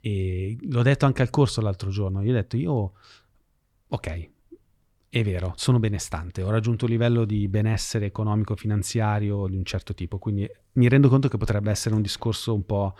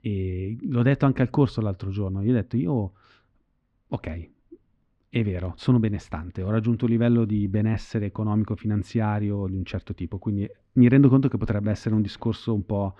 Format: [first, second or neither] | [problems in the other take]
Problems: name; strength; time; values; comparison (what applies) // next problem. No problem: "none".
first | muffled; slightly; fading above 3 kHz